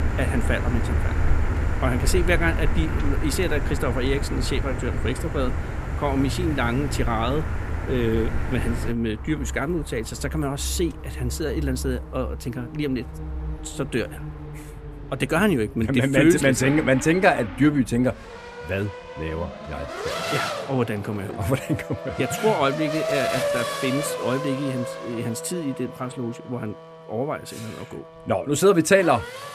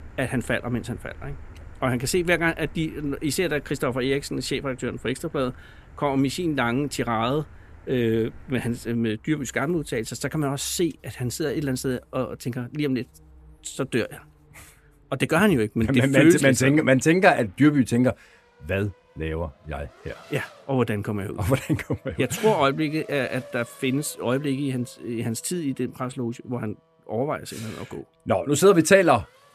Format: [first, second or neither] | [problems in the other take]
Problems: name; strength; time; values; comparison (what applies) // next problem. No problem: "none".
second | traffic noise; loud; throughout; 5 dB below the speech; faint in the second